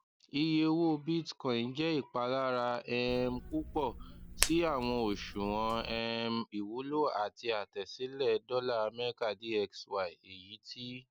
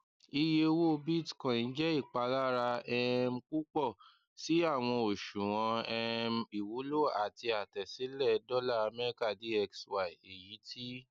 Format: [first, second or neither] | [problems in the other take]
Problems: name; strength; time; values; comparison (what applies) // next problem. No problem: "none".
second | background sound (Hands); 7 dB below the speech